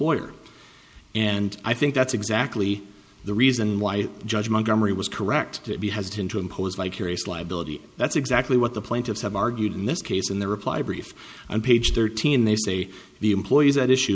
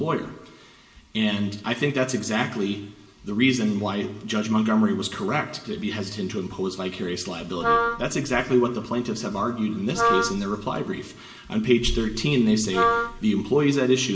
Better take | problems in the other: first | background sound (Wind instrument, woodwind instrument); 1 dB below the speech // room echo; dies away in 0.9 s

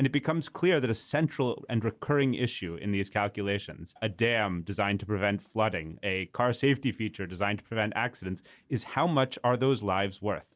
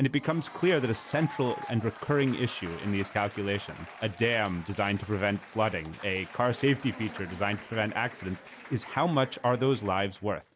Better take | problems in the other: first | background sound (Applause / Crowd / Cheering); 16 dB below the speech

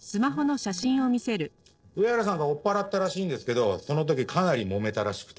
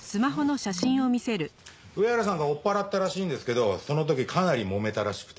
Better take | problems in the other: second | noise reduction (neural separator model SepFormer DNS4)

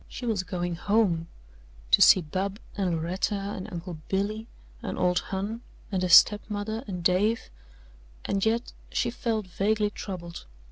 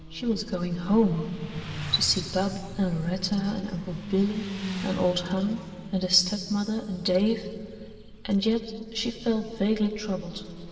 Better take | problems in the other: first | background sound (Motorcycle); 13 dB below the speech // room echo; dies away in 2.7 s

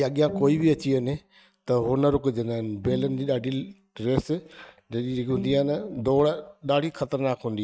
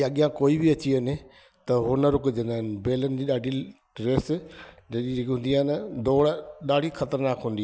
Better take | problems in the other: second | noise reduction (neural mask model RNNoise)

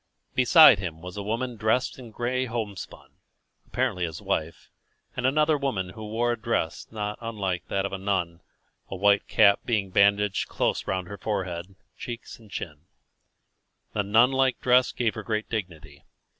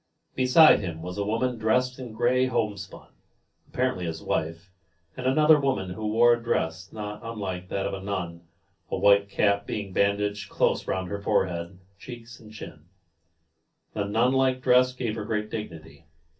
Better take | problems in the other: first | room echo; dies away in 0.3 s

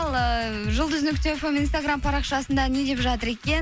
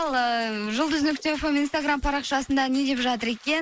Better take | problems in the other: first | noise reduction (neural mask model Resemble Enhance denoiser)

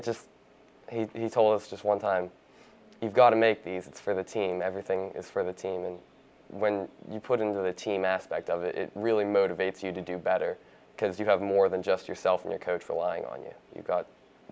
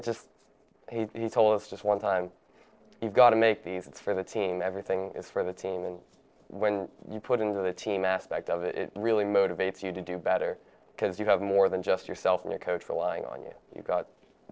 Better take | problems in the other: first | noise reduction (neural separator model SepFormer DNS4)

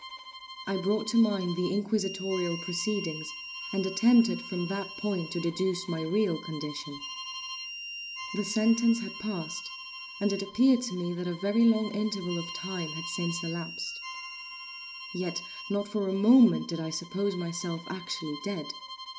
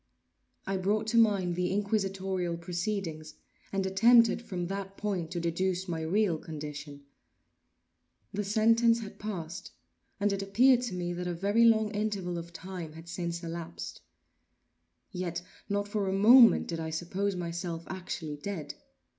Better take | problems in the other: second | background sound (Bowed string instrument + Harmonica); 12 dB below the speech

